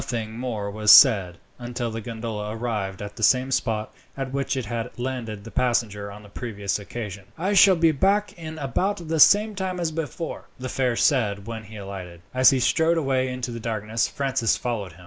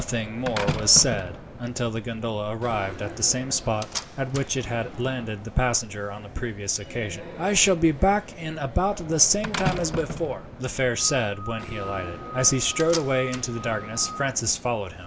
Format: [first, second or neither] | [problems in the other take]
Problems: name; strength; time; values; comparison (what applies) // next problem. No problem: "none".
first | background sound (Screech / Glass + Slam); 10 dB below the speech